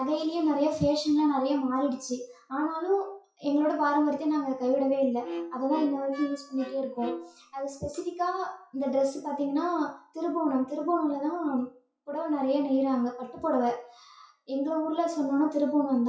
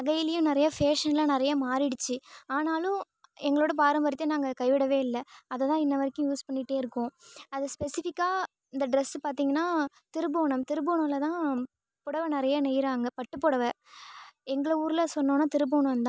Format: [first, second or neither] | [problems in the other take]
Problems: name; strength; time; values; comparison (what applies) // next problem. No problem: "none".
second | noise reduction (classical method WPE with log-MMSE)